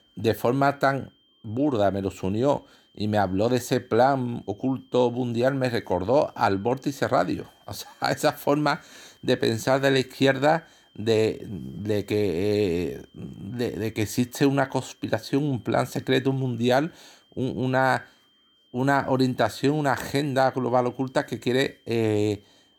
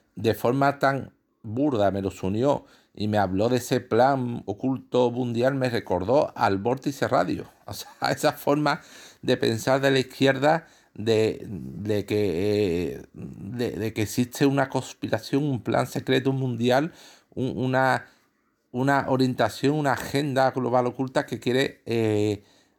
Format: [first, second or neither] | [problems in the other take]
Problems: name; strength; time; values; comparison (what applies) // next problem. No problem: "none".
second | high-pitched whine; faint; throughout; 3 kHz, 35 dB below the speech